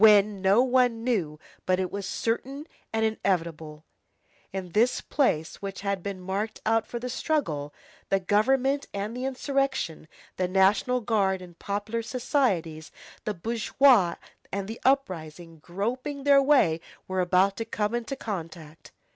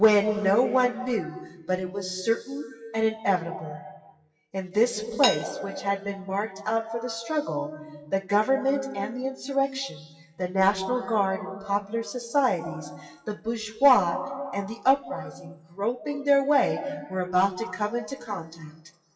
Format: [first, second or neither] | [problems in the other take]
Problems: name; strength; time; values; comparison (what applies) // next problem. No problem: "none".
first | noise reduction (classical method WPE with log-MMSE)